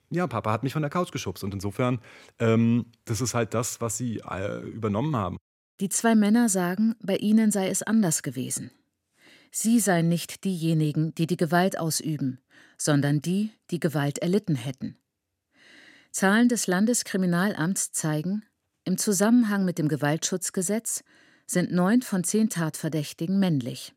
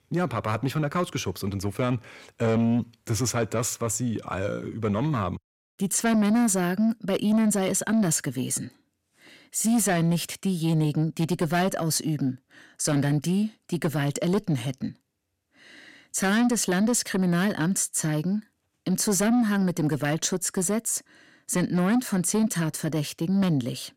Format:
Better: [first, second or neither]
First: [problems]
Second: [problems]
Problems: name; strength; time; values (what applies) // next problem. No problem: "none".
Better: first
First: none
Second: distortion; slight; 10 dB below the speech